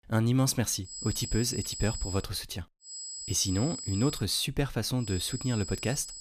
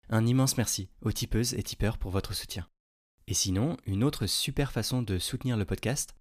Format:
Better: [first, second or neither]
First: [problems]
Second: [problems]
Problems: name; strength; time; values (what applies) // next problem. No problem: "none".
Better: second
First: high-pitched whine; loud; from 1 to 2 s, from 3 to 4 s and from 5 s on; 8 kHz, 8 dB below the speech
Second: none